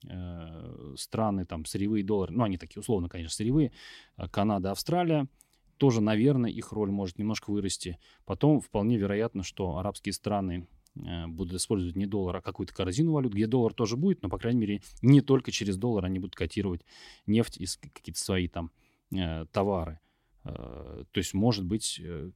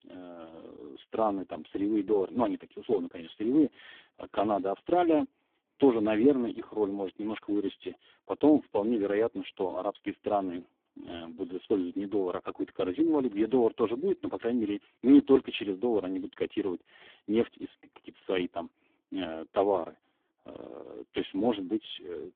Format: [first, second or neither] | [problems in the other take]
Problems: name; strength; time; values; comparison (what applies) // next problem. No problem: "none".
first | phone-call audio; poor line